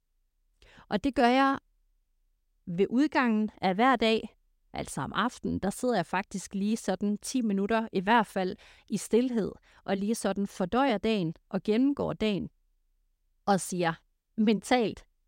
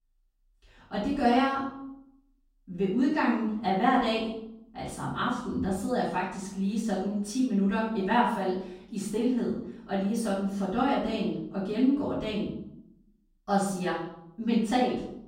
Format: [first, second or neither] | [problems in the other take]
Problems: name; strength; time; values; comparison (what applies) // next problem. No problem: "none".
first | off-mic speech; far // room echo; noticeable; dies away in 0.6 s